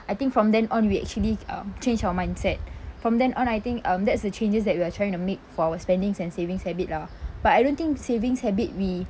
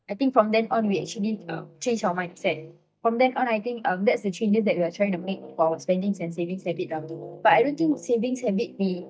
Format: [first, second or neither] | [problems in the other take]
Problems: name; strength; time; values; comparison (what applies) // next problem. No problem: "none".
first | noise reduction (neural mask model DeepFilterNet 3)